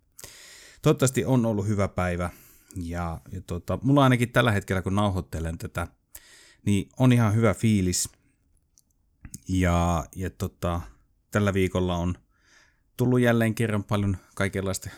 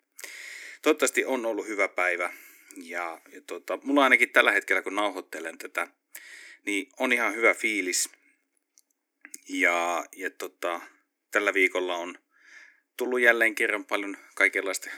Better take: first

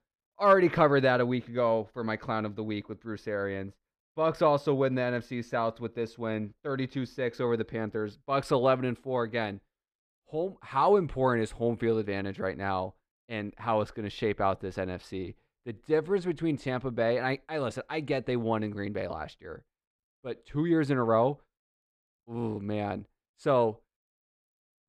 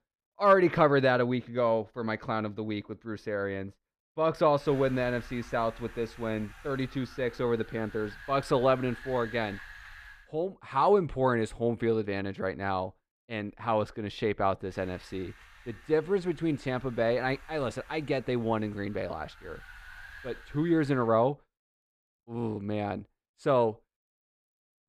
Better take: first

